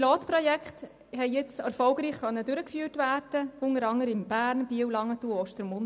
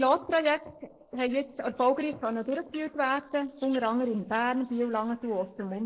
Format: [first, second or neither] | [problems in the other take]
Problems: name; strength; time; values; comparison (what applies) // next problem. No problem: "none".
first | noise reduction (neural mask model Resemble Enhance denoiser)